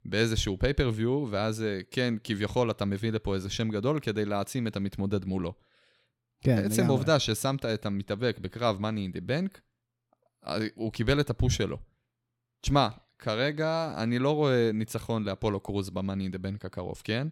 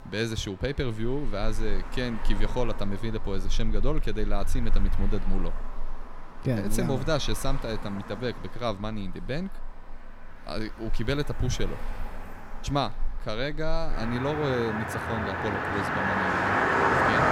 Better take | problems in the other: first | traffic noise; very loud; throughout; 1 dB above the speech

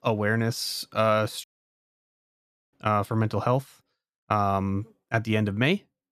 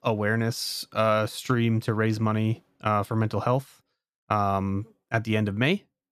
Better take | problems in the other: second | audio cutting out; at 1.5 s for 1.5 s

